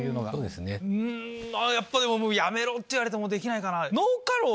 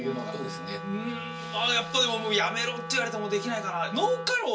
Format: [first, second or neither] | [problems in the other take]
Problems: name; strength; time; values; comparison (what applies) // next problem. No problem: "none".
first | background sound (Wind instrument, woodwind instrument); 9 dB below the speech // room echo; dies away in 0.3 s